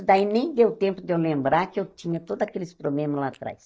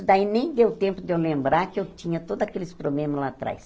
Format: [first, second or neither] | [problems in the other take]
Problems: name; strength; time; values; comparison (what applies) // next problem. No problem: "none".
second | noise reduction (neural mask model DeepFilterNet 3)